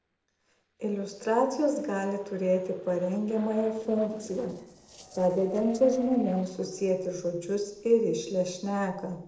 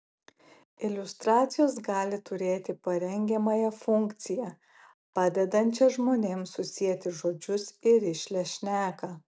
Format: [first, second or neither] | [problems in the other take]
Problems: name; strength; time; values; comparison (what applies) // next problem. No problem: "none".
second | noise reduction (neural separator model SepFormer DNS4)